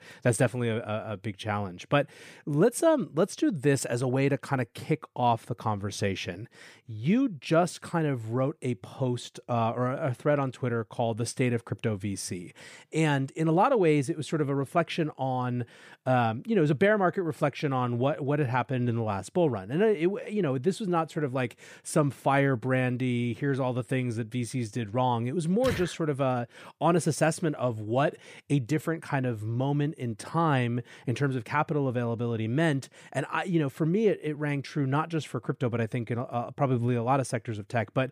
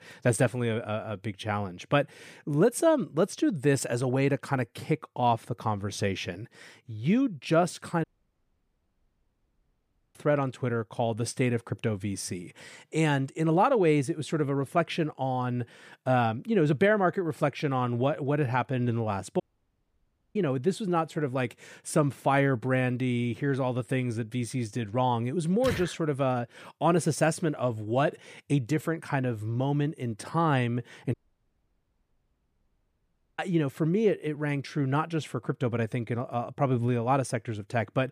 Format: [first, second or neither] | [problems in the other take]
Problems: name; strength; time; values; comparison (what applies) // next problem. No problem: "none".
first | audio cutting out; at 8 s for 2 s, at 19 s for 1 s and at 31 s for 2 s